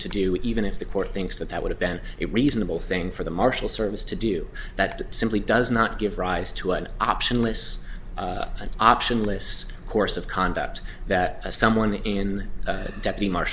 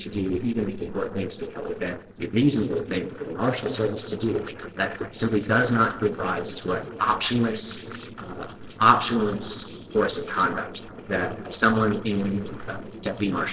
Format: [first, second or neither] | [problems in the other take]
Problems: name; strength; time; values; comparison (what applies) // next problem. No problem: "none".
first | noise reduction (neural separator model SepFormer DNS4)